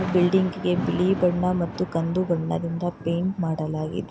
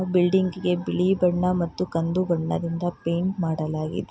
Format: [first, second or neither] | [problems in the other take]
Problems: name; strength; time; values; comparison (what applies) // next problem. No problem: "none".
second | background sound (Thunder / Rain); 11 dB below the speech